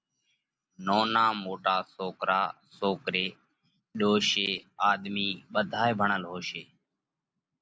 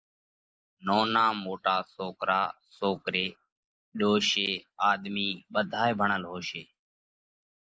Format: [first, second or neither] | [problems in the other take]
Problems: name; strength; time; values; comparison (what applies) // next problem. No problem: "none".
first | noise reduction (neural mask model Resemble Enhance denoiser)